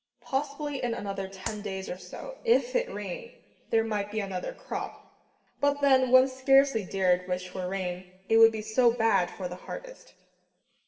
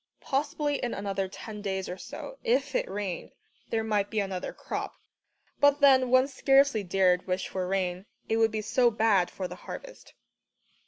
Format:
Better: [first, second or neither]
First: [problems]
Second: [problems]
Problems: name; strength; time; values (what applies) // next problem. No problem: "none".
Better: second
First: background sound (Clapping); 11 dB below the speech // room echo; dies away in 1.6 s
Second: none